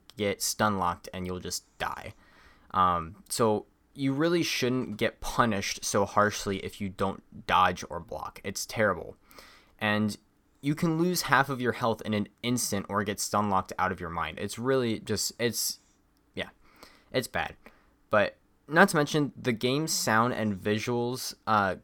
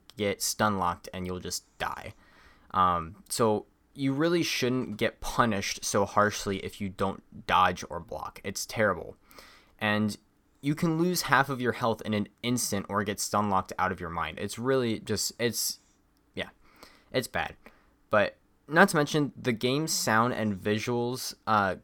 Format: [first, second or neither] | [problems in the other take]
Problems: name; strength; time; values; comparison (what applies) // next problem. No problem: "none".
neither | none